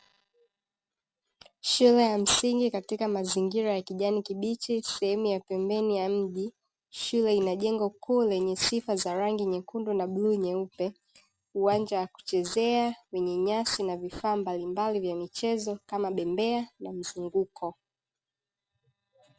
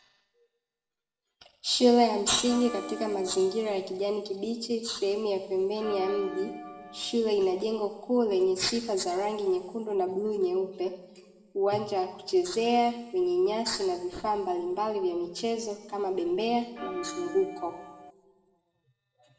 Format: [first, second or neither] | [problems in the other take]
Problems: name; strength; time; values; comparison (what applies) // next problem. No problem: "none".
first | background sound (Bell); 12 dB below the speech // room echo; dies away in 1.4 s